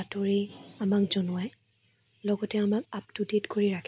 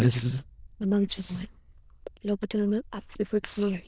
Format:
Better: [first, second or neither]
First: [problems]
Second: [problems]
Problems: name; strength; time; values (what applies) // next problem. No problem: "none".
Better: first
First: none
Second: noise reduction (neural diffusion model UNIVERSE++)